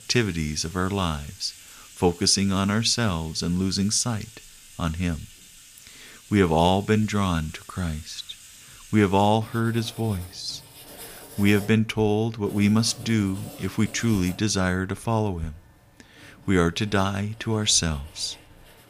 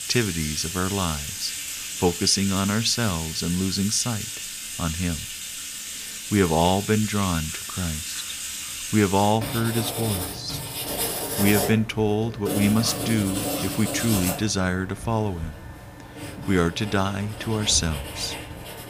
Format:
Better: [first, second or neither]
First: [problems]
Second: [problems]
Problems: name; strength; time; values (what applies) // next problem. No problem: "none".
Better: first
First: household noises; faint; throughout; 20 dB below the speech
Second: household noises; loud; throughout; 5 dB below the speech